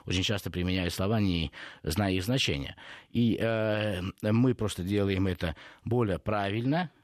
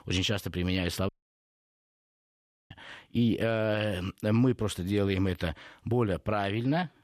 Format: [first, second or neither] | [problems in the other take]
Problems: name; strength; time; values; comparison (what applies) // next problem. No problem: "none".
first | audio cutting out; at 1 s for 1.5 s